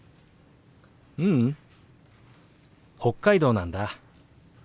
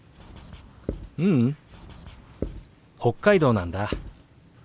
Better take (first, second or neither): first